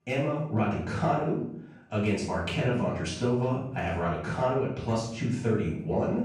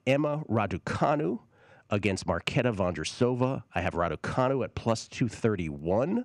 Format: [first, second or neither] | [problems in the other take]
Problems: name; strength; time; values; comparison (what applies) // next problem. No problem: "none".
second | room echo; noticeable; dies away in 0.6 s // off-mic speech; far